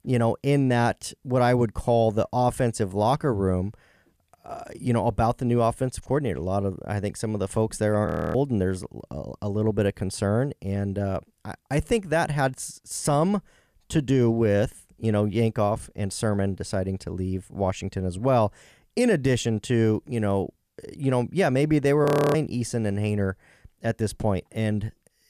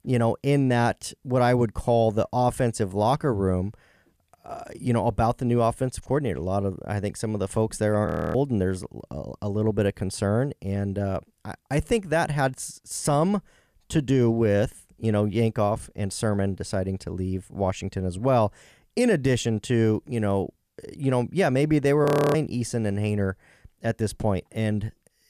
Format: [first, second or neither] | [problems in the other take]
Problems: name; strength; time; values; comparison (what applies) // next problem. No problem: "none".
neither | audio freezing; at 8 s and at 22 s; the same in both